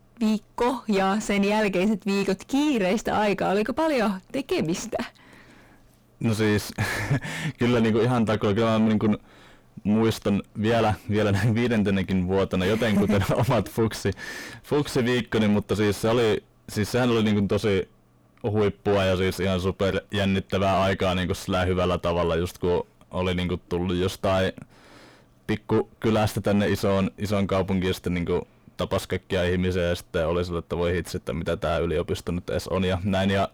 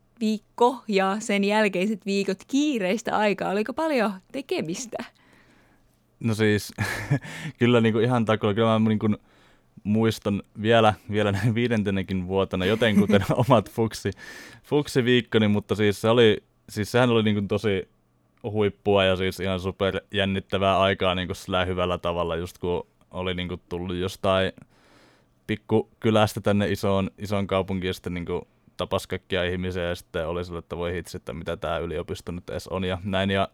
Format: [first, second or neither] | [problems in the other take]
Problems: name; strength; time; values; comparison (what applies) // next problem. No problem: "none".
second | distortion; heavy; 5 dB below the speech